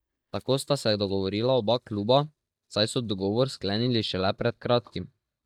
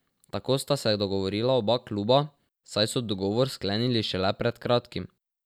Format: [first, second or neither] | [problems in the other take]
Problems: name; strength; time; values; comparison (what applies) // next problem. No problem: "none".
second | noise reduction (neural mask model DeepFilterNet 3)